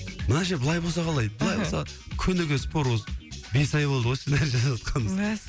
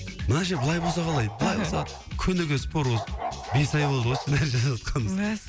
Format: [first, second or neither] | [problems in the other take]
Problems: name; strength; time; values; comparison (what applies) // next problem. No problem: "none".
first | background sound (Bark); 10 dB below the speech